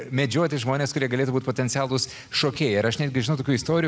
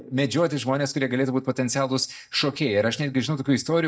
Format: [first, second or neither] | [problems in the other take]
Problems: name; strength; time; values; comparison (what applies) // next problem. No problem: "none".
first | noise reduction (neural mask model DeepFilterNet 3)